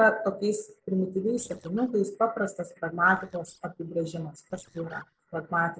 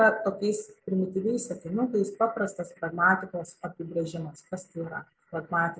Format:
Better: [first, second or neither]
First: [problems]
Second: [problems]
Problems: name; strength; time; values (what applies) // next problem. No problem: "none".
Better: second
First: noise reduction (neural separator model SepFormer DNS4)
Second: none